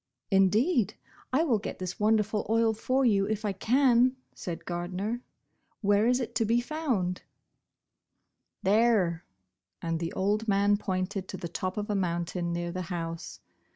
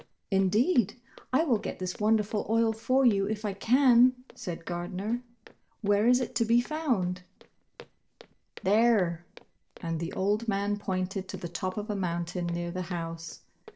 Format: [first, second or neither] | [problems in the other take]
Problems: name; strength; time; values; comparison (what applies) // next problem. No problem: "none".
first | noise reduction (neural separator model SepFormer DNS4)